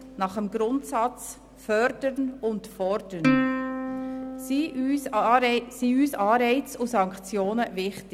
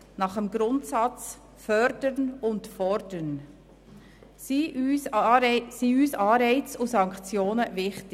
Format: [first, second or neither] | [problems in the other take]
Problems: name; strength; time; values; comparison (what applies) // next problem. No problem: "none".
second | background sound (Plucked string instrument); 7 dB below the speech